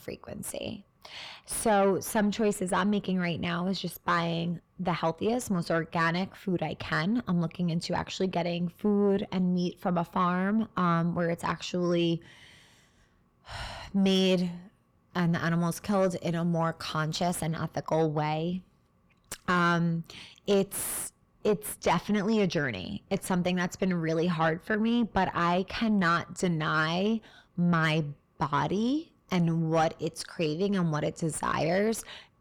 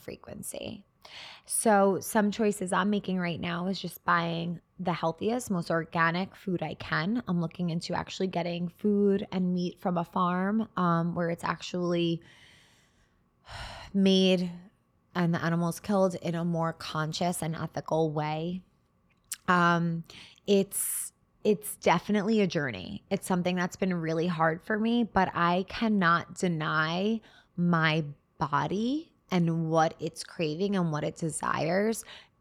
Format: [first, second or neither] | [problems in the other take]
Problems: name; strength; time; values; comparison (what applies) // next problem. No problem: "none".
second | distortion; slight; 10 dB below the speech